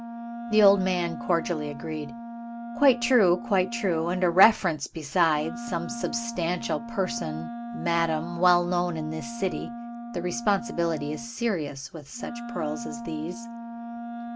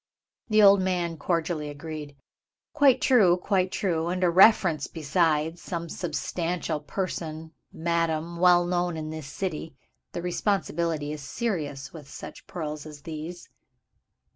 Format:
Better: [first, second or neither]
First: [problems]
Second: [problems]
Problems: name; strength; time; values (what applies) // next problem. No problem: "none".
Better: second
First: background sound (Wind instrument, woodwind instrument); 10 dB below the speech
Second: none